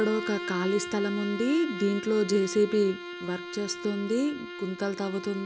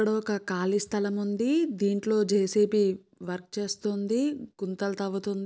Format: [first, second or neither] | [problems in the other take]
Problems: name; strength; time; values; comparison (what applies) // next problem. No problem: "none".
second | background sound (Bowed string instrument); 9 dB below the speech